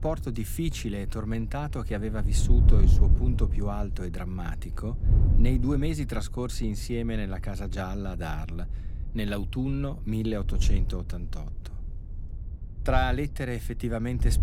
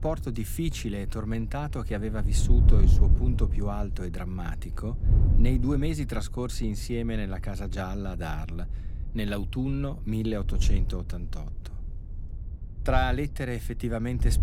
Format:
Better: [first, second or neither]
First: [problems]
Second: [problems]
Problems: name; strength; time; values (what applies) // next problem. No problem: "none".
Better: neither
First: wind noise on the microphone; occasional gusts; 10 dB below the speech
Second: wind noise on the microphone; occasional gusts; 10 dB below the speech